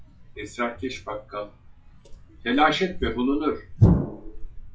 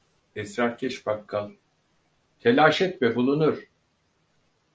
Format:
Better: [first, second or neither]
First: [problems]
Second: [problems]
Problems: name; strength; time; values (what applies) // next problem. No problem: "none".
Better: second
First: noise reduction (classical method WPE with log-MMSE)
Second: none